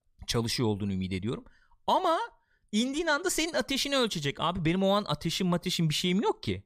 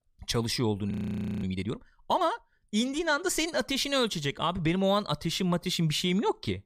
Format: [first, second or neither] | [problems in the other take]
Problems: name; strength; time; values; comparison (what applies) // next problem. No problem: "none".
first | audio freezing; at 1 s for 0.5 s